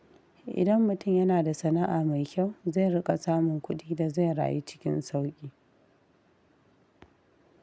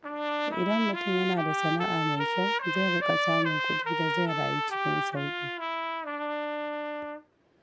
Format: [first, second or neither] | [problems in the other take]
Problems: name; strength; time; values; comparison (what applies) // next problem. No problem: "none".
first | background sound (Trumpet); 2 dB above the speech